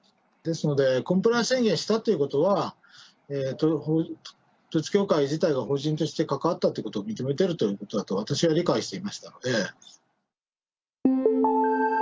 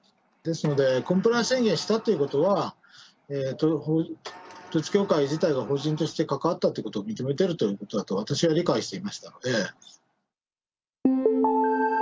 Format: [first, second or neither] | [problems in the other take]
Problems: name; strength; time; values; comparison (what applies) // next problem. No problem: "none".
first | background sound (Sliding door); 20 dB below the speech